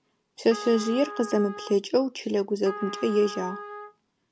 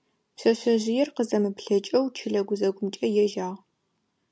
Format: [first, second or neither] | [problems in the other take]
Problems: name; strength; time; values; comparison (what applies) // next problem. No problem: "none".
second | background sound (Trumpet); 13 dB below the speech